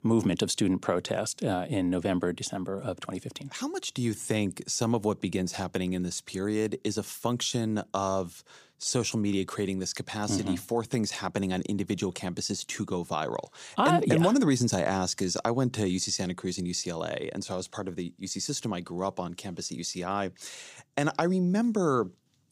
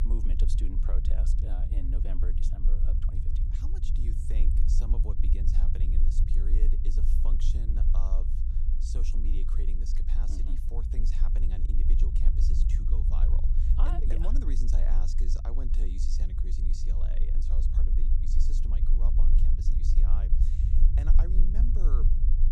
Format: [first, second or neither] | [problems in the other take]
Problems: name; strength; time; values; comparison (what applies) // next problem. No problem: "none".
first | low rumble; loud; throughout; 1 dB below the speech